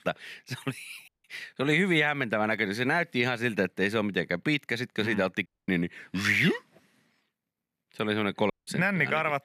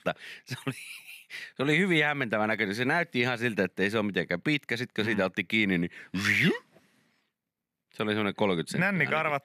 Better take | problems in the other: second | audio cutting out; at 1 s, at 5.5 s and at 8.5 s

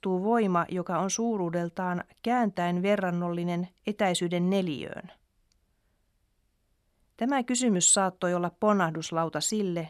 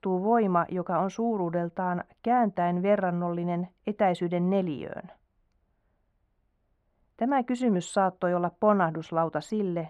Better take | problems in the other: first | muffled; very; fading above 3.5 kHz

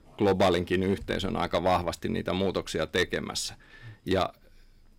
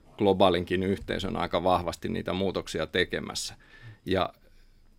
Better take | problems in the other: second | distortion; slight; 2% of the sound clipped

